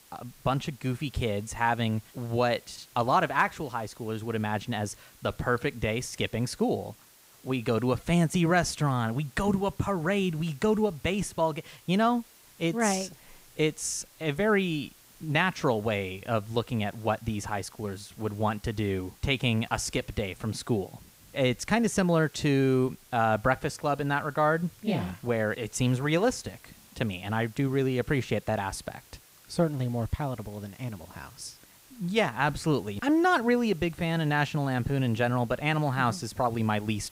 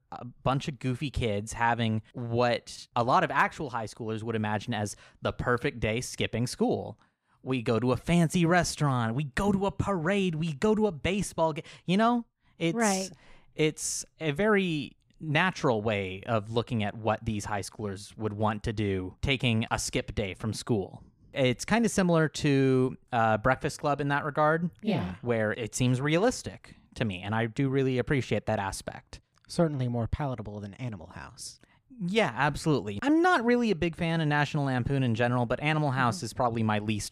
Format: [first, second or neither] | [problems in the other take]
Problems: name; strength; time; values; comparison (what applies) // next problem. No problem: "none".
second | hiss; faint; throughout; 25 dB below the speech